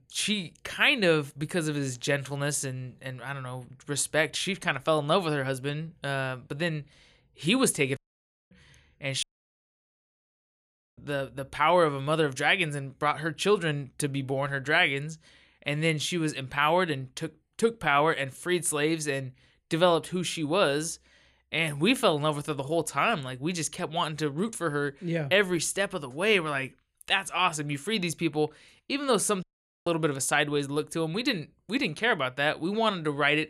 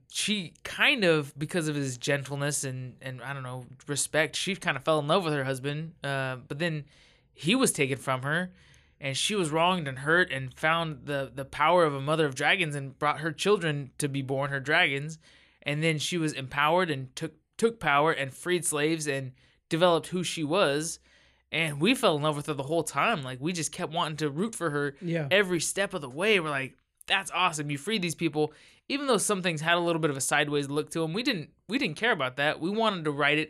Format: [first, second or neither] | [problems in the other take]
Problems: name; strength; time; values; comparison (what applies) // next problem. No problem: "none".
second | audio cutting out; at 8 s for 0.5 s, at 9 s for 1.5 s and at 29 s